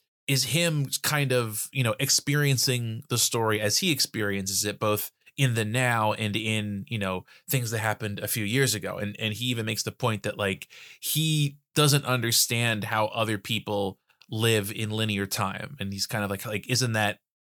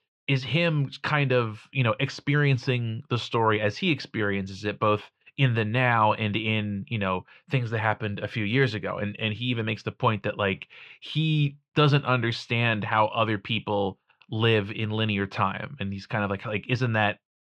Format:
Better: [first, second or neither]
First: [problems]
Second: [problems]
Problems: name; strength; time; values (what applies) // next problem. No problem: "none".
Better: first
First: none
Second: muffled; very; fading above 3 kHz